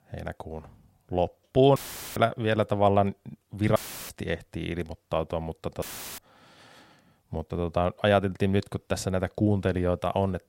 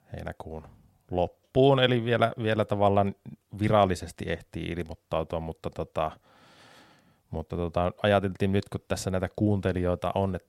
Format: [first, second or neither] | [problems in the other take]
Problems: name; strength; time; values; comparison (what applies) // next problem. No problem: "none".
second | audio cutting out; filled with static; at 2 s, at 4 s and at 6 s